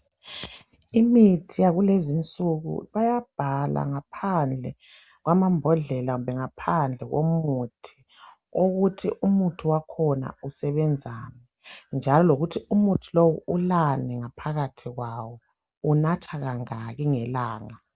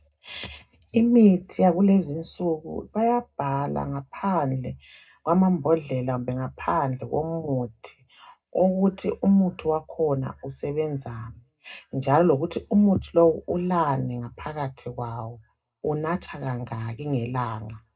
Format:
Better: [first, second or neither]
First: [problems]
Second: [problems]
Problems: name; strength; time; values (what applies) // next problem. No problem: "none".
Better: first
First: none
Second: room echo; dies away in 0.2 s